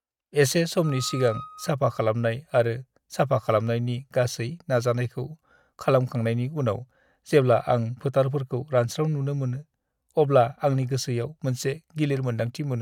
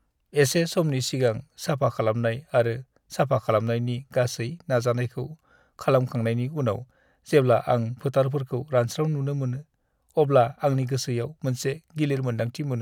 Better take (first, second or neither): second